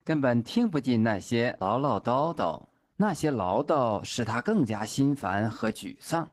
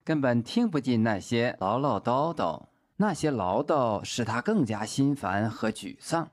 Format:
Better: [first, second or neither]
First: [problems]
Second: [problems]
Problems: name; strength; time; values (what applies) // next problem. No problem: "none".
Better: second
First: garbled, watery; slightly; nothing above 15.5 kHz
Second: none